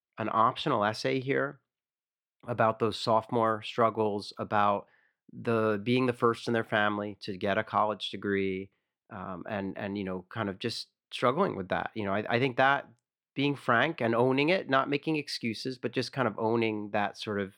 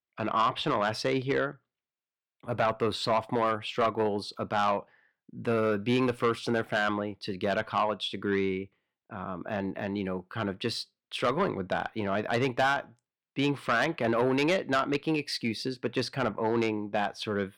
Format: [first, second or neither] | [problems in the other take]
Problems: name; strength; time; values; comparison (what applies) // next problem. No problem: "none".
first | distortion; slight; 10 dB below the speech